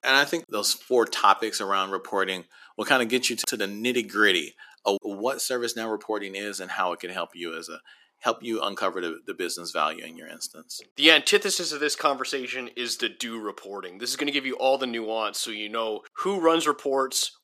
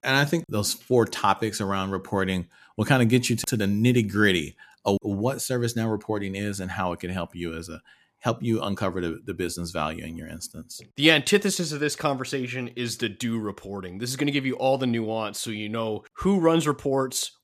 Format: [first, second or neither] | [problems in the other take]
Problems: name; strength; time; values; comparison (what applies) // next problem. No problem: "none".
second | thin; somewhat; fading below 350 Hz